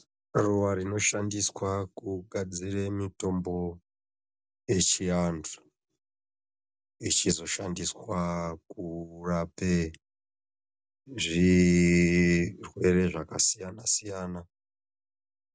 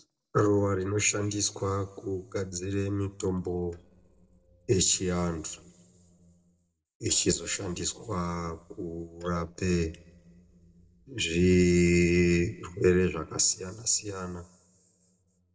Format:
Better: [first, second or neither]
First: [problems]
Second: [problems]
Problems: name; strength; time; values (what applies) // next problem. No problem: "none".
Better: first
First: none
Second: noise reduction (neural separator model SepFormer DNS4)